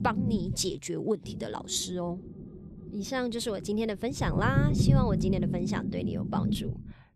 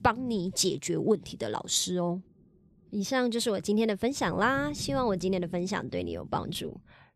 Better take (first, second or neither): second